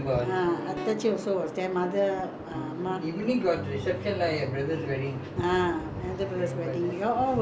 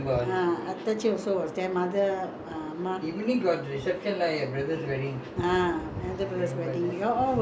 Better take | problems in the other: second | background sound (Guitar); 12 dB below the speech

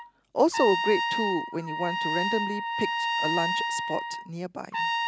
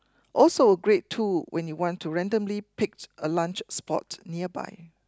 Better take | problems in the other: second | background sound (Trumpet); as loud as the speech

